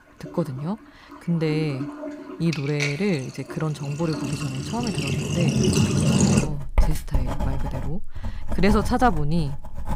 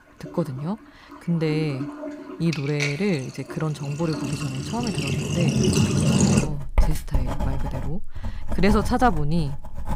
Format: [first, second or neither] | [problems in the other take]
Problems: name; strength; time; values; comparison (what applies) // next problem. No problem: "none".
neither | household noises; very loud; throughout; 1 dB above the speech; the same in both